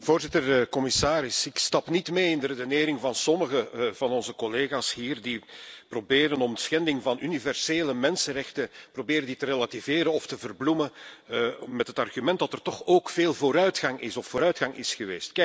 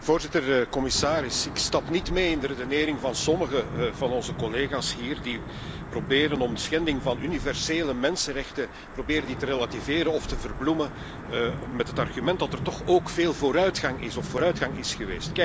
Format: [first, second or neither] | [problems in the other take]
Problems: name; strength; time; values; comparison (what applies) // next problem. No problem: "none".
first | background sound (Thunder / Wind / Rain); 9 dB below the speech